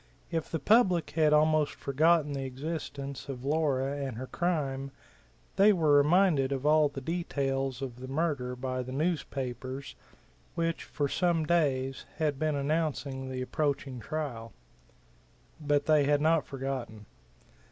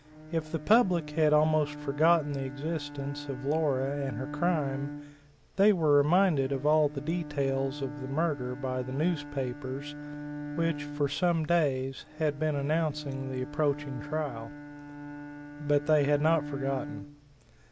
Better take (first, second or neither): first